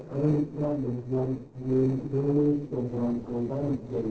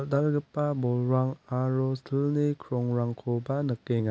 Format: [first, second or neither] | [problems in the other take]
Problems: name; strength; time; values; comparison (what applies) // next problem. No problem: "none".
second | noise reduction (neural separator model SepFormer DNS4)